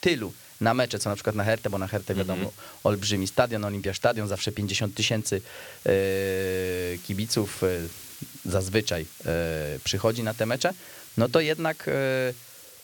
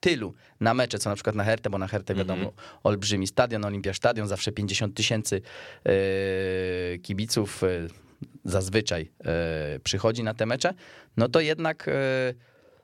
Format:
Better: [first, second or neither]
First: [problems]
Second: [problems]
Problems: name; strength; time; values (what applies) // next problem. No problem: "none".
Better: second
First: hiss; noticeable; throughout; 15 dB below the speech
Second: none